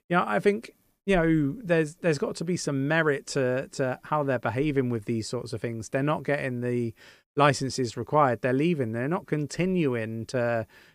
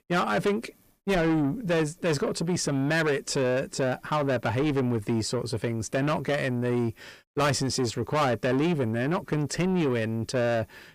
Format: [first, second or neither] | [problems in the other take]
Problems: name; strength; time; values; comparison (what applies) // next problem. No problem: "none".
first | distortion; heavy; 8 dB below the speech